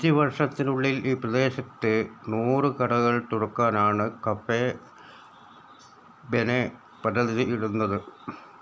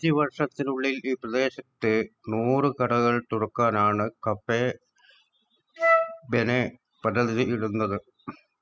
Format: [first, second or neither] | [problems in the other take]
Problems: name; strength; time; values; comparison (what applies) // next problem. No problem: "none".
first | noise reduction (classical method spectral subtraction)